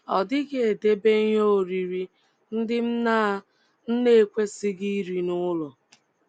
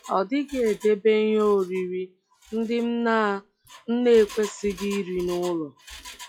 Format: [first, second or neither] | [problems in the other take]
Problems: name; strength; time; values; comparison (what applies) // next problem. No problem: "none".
first | noise reduction (classical method log-MMSE)